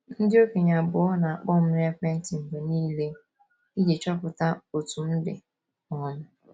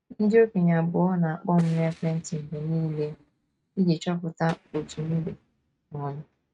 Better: first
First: none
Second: noise reduction (neural mask model RNNoise)

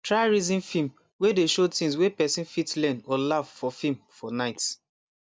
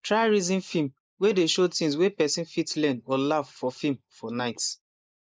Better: first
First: none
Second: noise reduction (neural mask model Resemble Enhance denoiser)

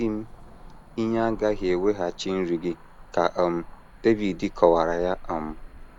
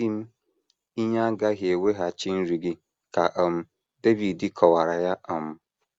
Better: second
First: background sound (Cricket / Motor vehicle (road)); 15 dB below the speech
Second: none

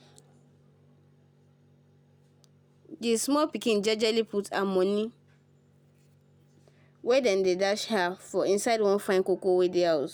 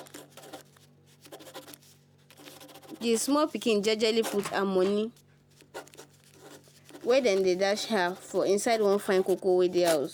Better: first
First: none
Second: background sound (Door + Writing); 18 dB below the speech

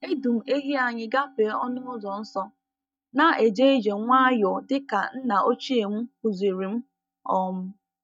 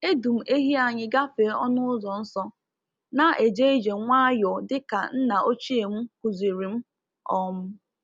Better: second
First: noise reduction (neural mask model DeepFilterNet 3)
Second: none

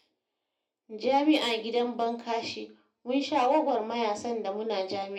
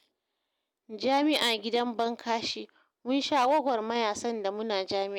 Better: second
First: room echo; dies away in 0.3 s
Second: none

